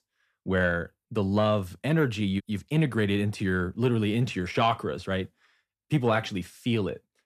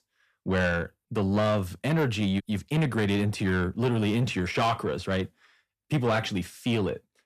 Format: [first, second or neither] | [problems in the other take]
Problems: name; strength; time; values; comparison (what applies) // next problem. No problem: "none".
first | distortion; slight; 10 dB below the speech